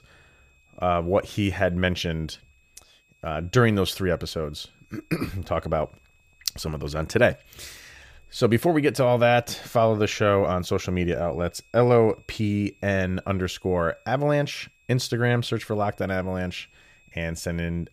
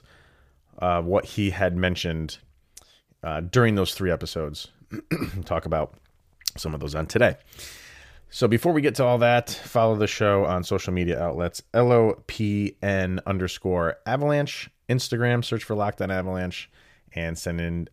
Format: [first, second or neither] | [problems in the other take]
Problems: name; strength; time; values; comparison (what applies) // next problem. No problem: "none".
second | high-pitched whine; faint; throughout; 2.5 kHz, 35 dB below the speech